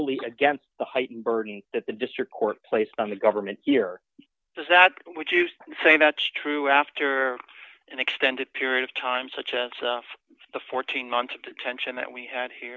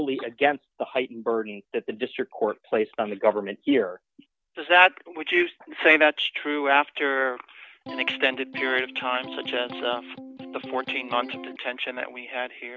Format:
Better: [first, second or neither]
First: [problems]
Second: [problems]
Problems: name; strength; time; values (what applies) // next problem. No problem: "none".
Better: first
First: none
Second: background sound (Electric guitar); 13 dB below the speech